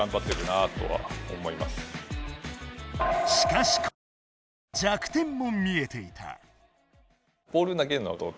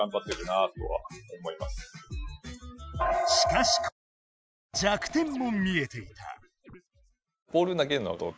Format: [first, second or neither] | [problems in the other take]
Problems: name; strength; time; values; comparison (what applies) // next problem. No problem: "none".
first | noise reduction (classical method Wiener filter)